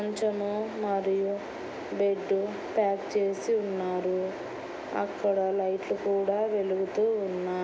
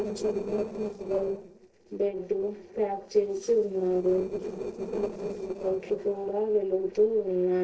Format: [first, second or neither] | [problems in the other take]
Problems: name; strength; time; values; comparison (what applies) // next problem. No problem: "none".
first | noise reduction (neural separator model SepFormer DNS4)